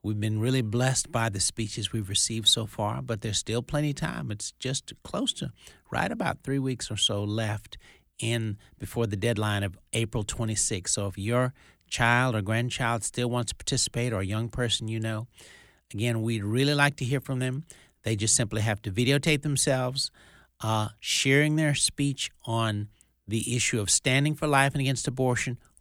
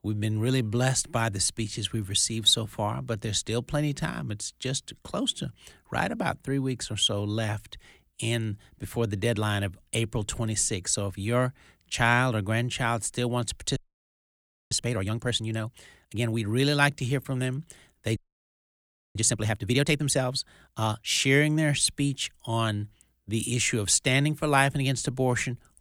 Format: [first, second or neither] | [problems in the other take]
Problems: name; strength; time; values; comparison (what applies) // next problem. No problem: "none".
first | audio freezing; at 14 s for 1 s and at 18 s for 1 s